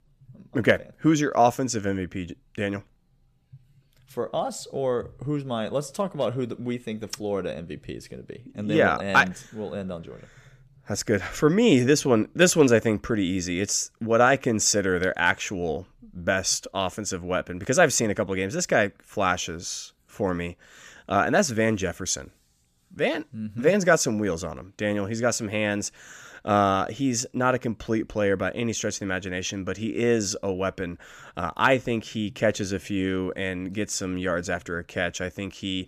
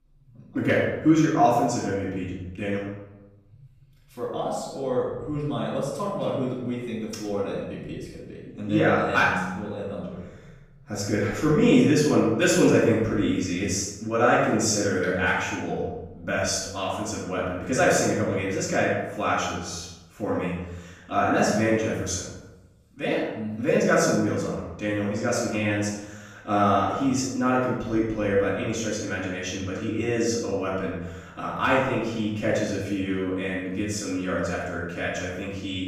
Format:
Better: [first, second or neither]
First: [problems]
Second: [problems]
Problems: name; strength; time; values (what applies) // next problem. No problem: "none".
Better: first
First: none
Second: off-mic speech; far // room echo; noticeable; dies away in 0.9 s